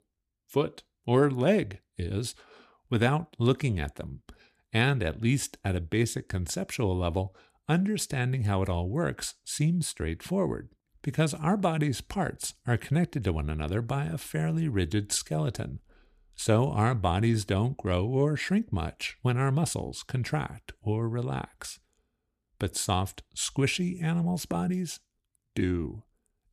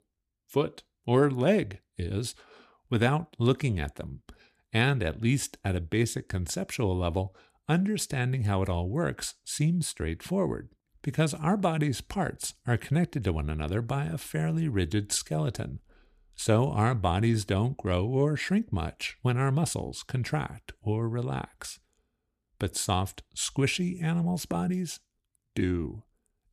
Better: neither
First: none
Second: none

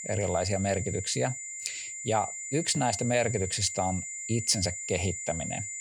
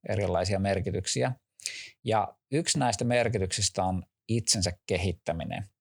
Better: second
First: high-pitched whine; loud; throughout; 7 kHz, 5 dB below the speech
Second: none

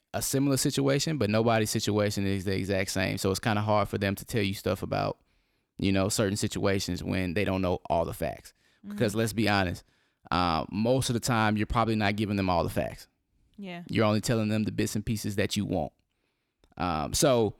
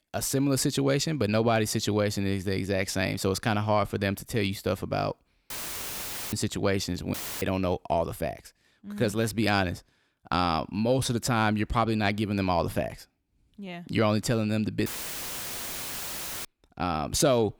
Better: first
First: none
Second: audio cutting out; filled with static; at 5.5 s for 1 s, at 7 s and at 15 s for 1.5 s

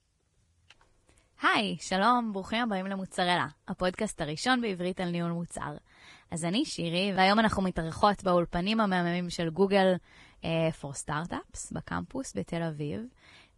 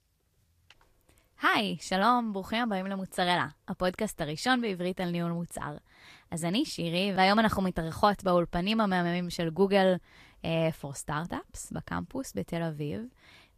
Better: second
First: garbled, watery; badly; nothing above 10 kHz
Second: garbled, watery; slightly; nothing above 14.5 kHz

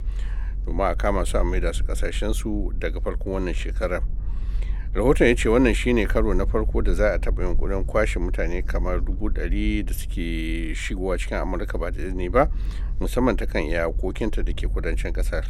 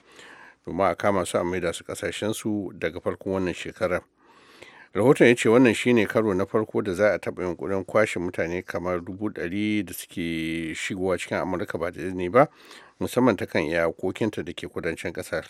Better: second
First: low rumble; faint; throughout; 25 dB below the speech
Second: none

